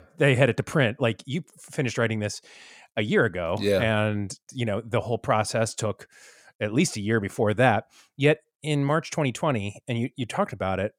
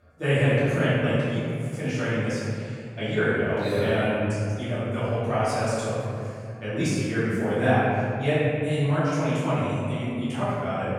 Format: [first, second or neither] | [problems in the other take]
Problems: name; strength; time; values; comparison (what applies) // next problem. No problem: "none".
first | off-mic speech; far // room echo; strong; dies away in 2.7 s